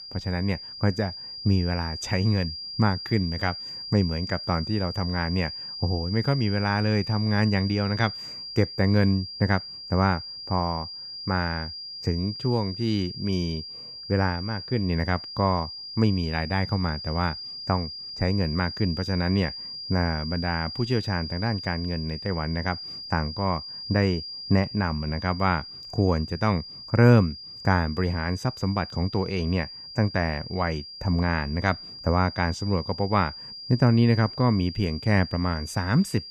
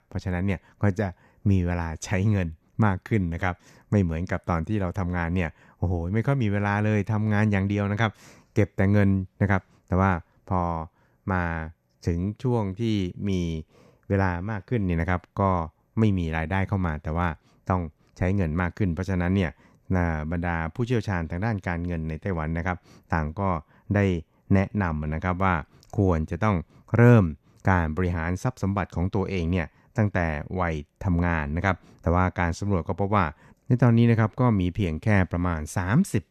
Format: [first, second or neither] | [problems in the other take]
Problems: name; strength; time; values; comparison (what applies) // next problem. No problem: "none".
second | high-pitched whine; loud; throughout; 5 kHz, 9 dB below the speech